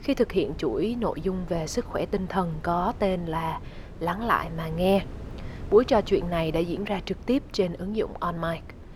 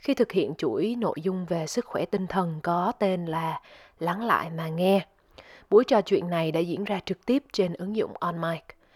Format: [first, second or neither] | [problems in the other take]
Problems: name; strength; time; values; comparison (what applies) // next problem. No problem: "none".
second | wind noise on the microphone; occasional gusts; 20 dB below the speech